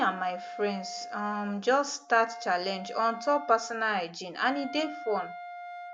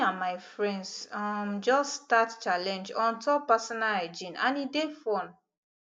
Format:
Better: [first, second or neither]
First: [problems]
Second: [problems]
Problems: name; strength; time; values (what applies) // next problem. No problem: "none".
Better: second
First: background sound (Wind instrument, woodwind instrument); 13 dB below the speech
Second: none